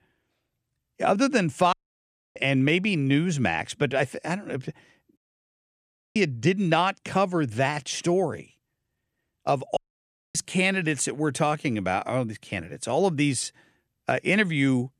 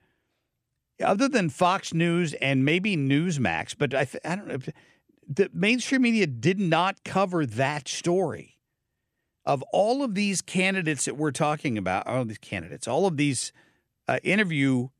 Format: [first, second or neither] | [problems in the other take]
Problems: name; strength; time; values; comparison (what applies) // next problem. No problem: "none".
second | audio cutting out; at 1.5 s for 0.5 s, at 5 s for 1 s and at 10 s for 0.5 s